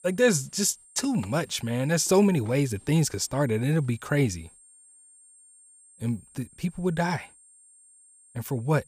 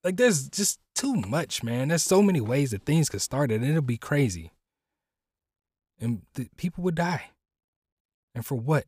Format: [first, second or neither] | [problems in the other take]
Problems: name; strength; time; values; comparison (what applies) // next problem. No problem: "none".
second | high-pitched whine; faint; throughout; 8.5 kHz, 25 dB below the speech